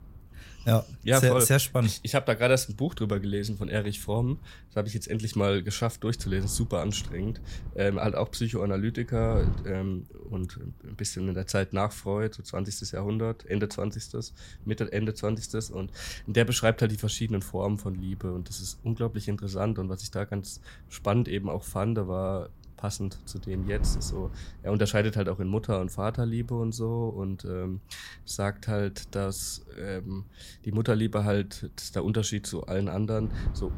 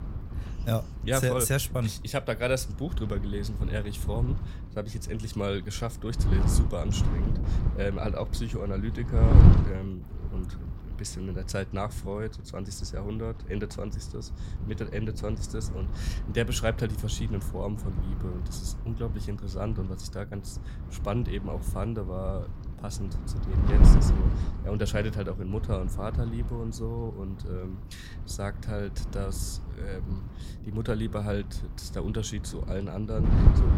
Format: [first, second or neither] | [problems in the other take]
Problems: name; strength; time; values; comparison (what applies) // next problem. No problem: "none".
first | wind noise on the microphone; heavy; 6 dB below the speech; occasional gusts in the first